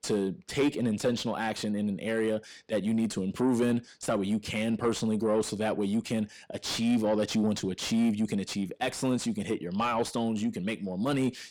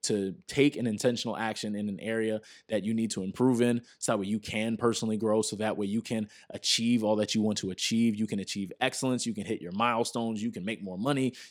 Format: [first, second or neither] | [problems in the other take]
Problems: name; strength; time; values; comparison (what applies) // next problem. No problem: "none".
second | distortion; slight; 10 dB below the speech